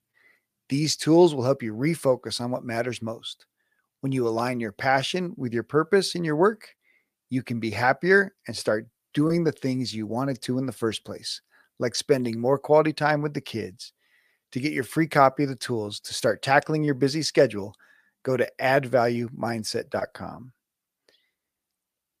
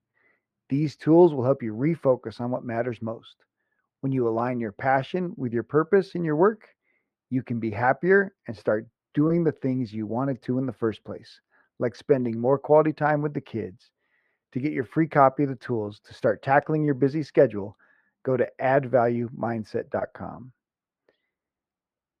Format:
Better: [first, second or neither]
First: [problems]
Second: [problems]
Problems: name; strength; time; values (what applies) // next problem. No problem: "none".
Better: first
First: none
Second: muffled; very; fading above 3.5 kHz